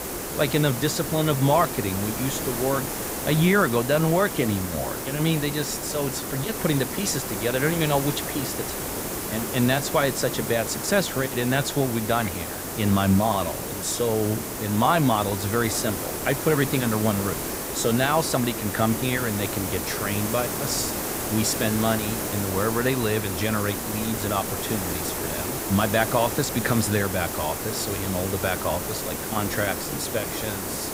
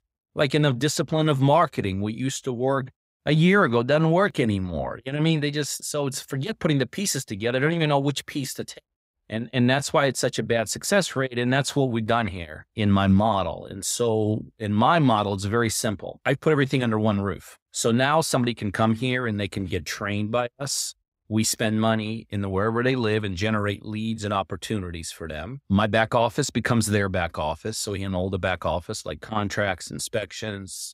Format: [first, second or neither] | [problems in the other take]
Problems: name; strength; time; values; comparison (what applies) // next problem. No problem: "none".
second | hiss; loud; throughout; 4 dB below the speech